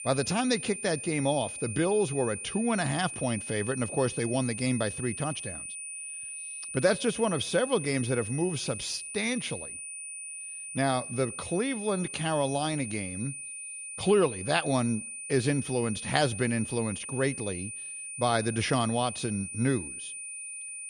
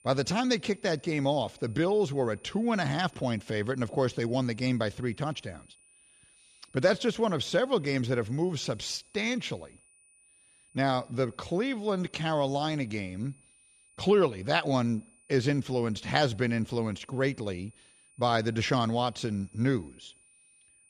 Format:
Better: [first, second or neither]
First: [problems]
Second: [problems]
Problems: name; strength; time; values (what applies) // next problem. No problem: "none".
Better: second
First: high-pitched whine; loud; throughout; 9.5 kHz, 7 dB below the speech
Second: high-pitched whine; faint; throughout; 9.5 kHz, 30 dB below the speech